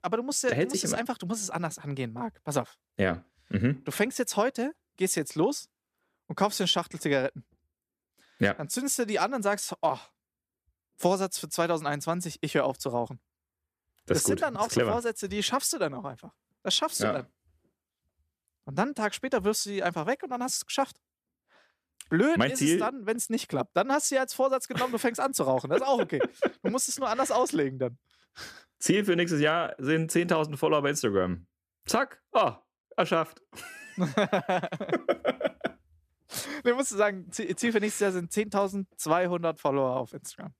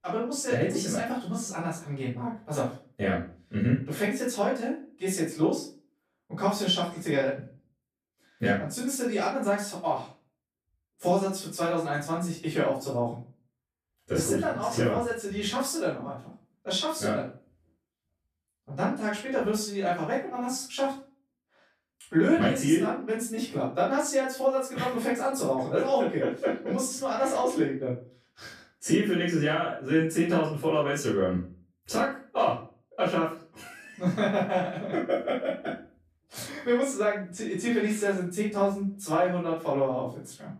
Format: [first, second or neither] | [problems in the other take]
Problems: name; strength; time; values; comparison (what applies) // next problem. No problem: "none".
first | room echo; noticeable; dies away in 0.3 s // off-mic speech; far